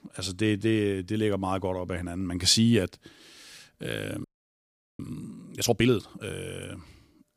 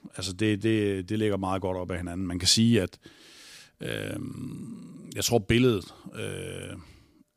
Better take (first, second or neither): second